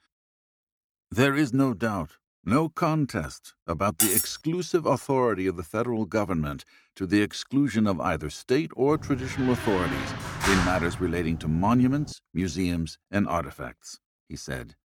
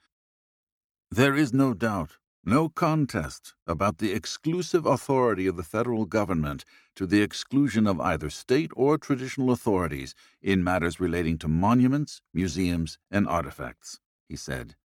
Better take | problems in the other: second | clattering dishes; loud; at 4 s; peak 5 dB above the speech // door banging; loud; from 9 to 12 s; peak 1 dB above the speech

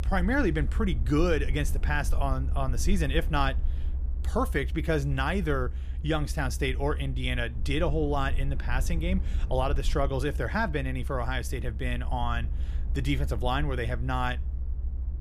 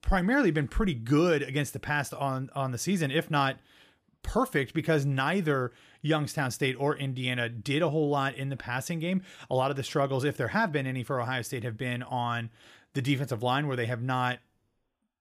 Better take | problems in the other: second | low rumble; faint; throughout; 20 dB below the speech

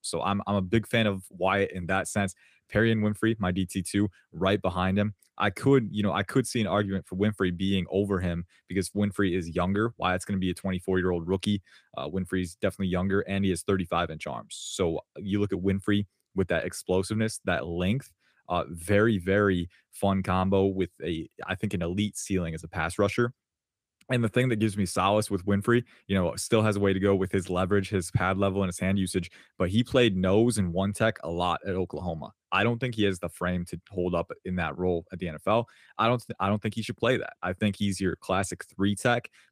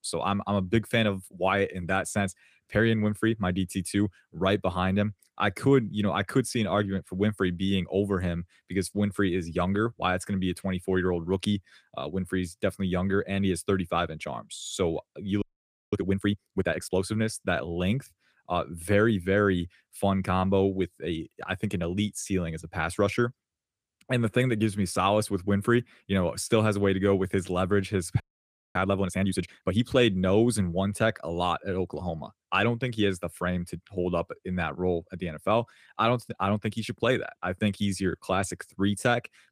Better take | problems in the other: first | audio freezing; at 15 s for 0.5 s and at 28 s for 0.5 s

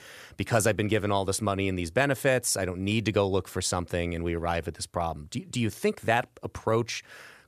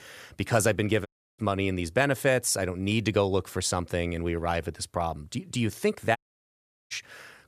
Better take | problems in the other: first | audio cutting out; at 1 s and at 6 s for 0.5 s

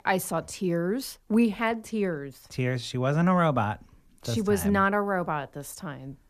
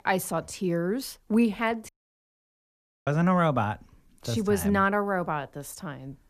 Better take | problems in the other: first | audio cutting out; at 2 s for 1 s

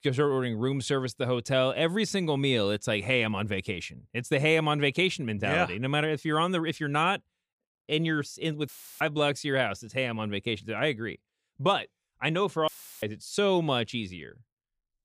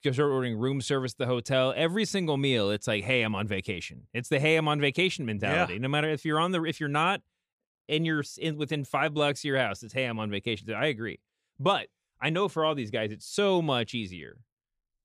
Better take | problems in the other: second | audio cutting out; filled with static; at 8.5 s and at 13 s

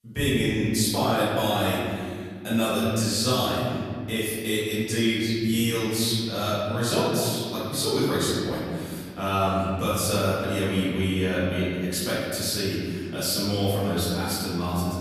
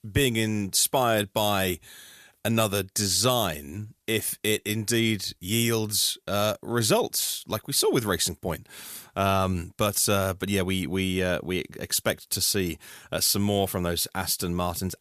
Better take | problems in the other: second | room echo; strong; dies away in 2.2 s // off-mic speech; far

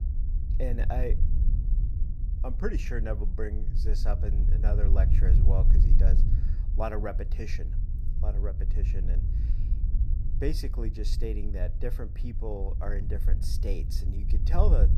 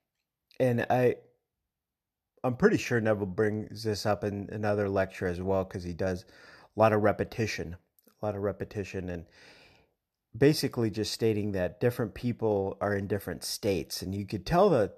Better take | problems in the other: second | low rumble; loud; throughout; 9 dB below the speech

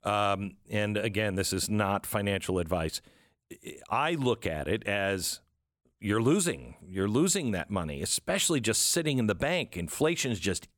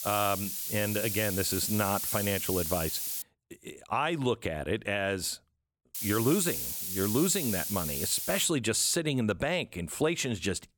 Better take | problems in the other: first | hiss; loud; until 3 s and from 6 to 8.5 s; 2 dB below the speech

